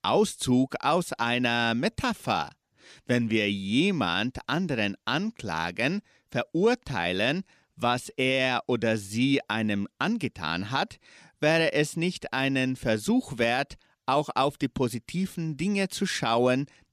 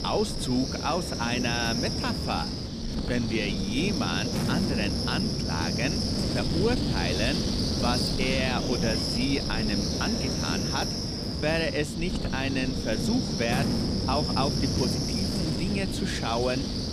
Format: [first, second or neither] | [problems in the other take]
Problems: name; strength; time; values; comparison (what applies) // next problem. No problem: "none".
first | wind noise on the microphone; heavy; as loud as the speech